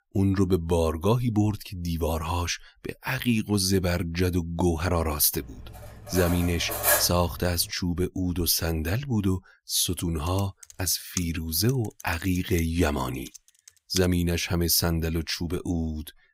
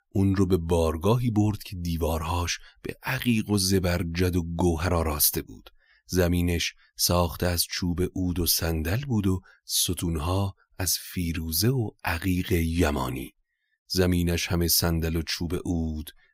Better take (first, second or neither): second